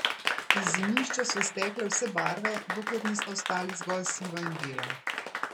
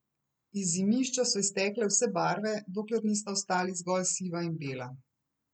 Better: second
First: background sound (Applause); 1 dB above the speech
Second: none

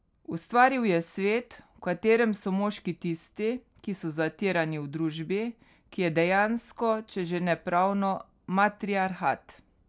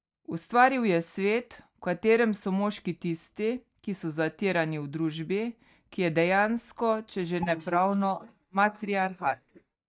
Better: first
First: none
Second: noise reduction (neural mask model DeepFilterNet 3)

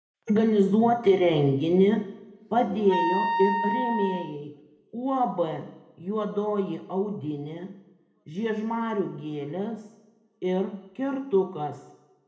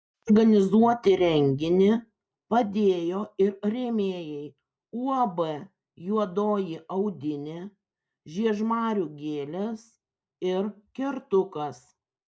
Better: second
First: background sound (Wind instrument, woodwind instrument); 4 dB below the speech // room echo; dies away in 0.9 s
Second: none

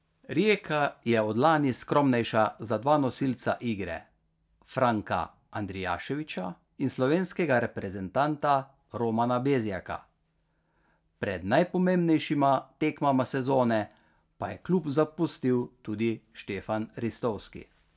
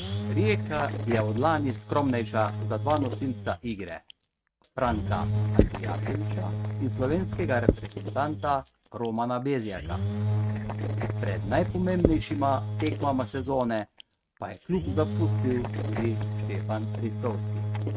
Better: first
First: none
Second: noise reduction (neural mask model RNNoise)

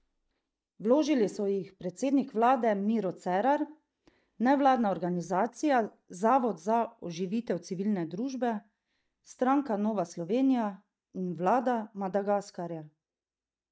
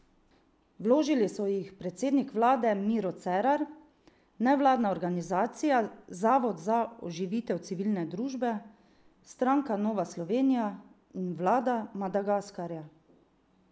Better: second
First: noise reduction (neural mask model DeepFilterNet 3)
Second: none

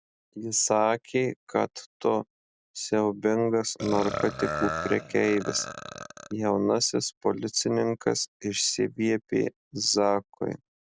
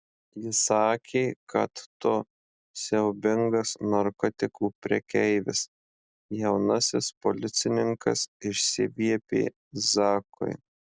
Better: second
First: background sound (Burping, eructation); 7 dB below the speech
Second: none

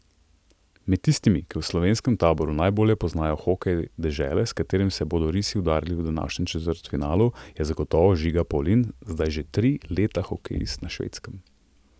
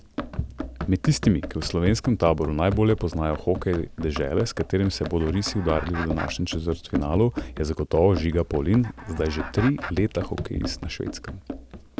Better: first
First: none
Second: background sound (Chicken, rooster + Run); 10 dB below the speech

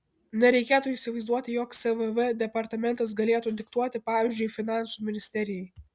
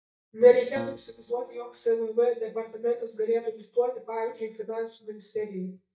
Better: first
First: none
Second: noise reduction (neural mask model DeepFilterNet 3)

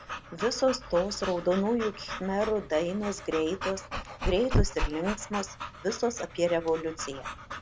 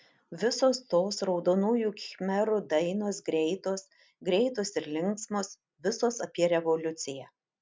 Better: second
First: background sound (Dog / Breathing); 5 dB below the speech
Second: none

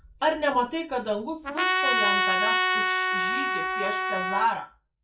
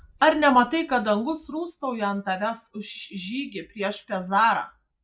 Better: second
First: background sound (Trumpet); 4 dB above the speech // room echo; dies away in 0.2 s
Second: none

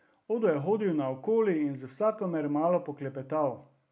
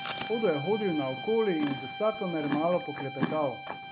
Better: first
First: none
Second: background sound (Chewing, mastication + Guitar); 7 dB below the speech

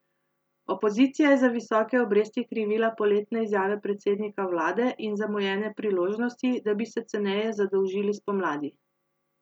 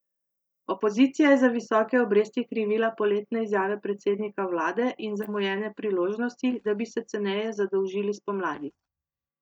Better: first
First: none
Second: noise reduction (neural mask model DeepFilterNet 3)

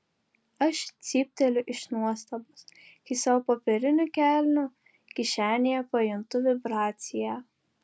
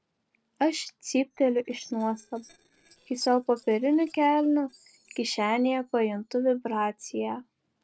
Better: first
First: none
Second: noise reduction (neural separator model SepFormer DNS4)

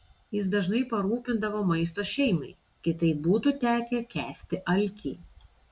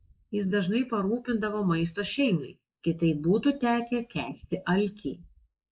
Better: first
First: none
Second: noise reduction (neural mask model Resemble Enhance denoiser)

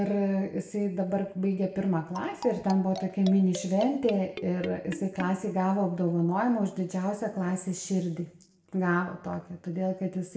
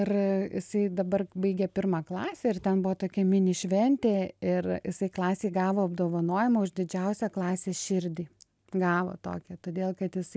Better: second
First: background sound (Marimba, xylophone); 13 dB below the speech // room echo; dies away in 0.5 s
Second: none

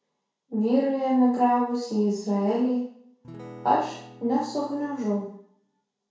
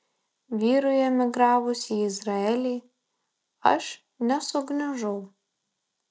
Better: second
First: background sound (Acoustic guitar / Strum); 19 dB below the speech // room echo; dies away in 0.6 s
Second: none

